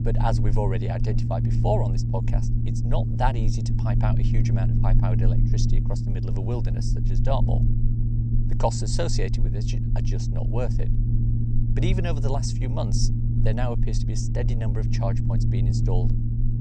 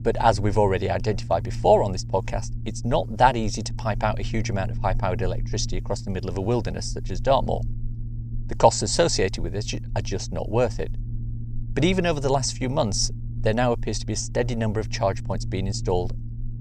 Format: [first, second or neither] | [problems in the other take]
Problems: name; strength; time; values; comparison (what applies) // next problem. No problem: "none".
second | low rumble; loud; throughout; 4 dB below the speech; faint in the second